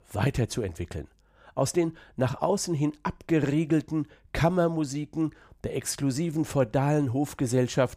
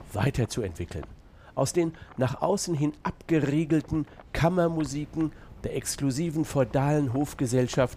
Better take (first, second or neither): first